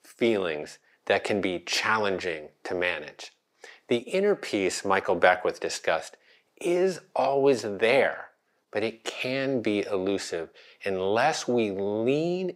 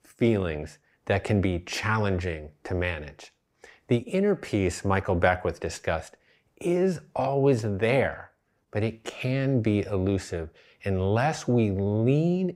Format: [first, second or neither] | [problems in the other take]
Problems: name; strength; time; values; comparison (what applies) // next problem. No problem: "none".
second | thin; somewhat; fading below 350 Hz